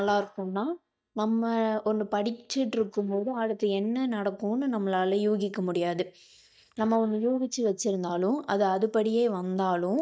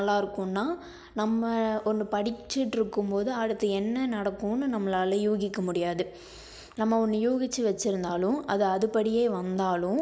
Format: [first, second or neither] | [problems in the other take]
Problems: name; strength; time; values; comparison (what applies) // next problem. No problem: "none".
second | noise reduction (neural mask model DeepFilterNet 3)